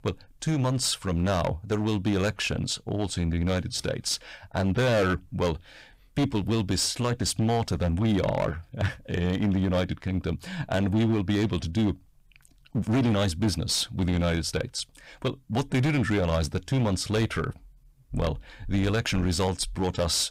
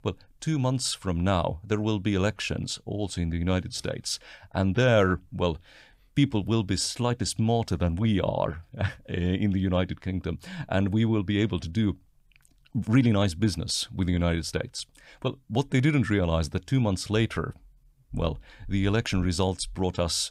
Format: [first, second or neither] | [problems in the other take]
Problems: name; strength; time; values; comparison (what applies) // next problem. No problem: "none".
second | distortion; heavy; 12% of the sound clipped